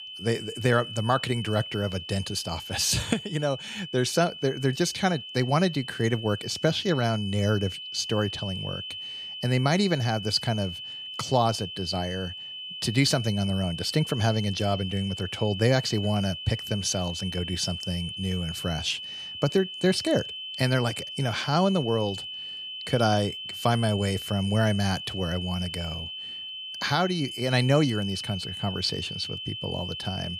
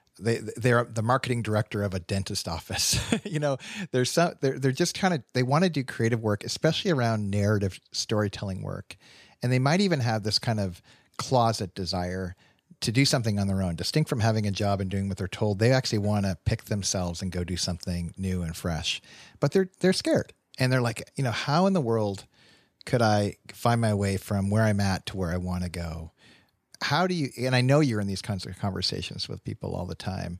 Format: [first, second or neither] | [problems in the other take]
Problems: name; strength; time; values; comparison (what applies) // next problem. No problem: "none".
second | high-pitched whine; loud; throughout; 3 kHz, 8 dB below the speech